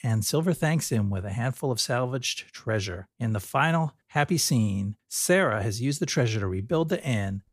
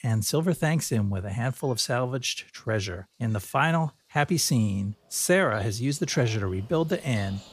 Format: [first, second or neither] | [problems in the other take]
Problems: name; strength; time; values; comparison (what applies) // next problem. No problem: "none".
first | animal sounds; faint; throughout; 25 dB below the speech